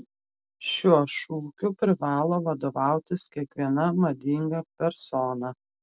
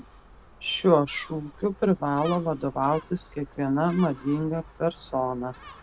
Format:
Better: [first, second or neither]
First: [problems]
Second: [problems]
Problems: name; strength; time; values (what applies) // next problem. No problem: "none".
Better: first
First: none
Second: background sound (Gull, seagull); 19 dB below the speech